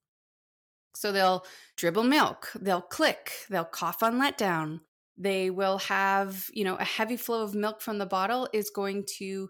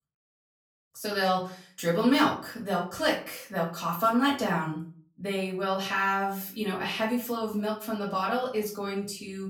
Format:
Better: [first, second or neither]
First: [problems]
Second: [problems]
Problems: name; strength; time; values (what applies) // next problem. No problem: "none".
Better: first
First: none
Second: room echo; slight; dies away in 0.3 s // off-mic speech; far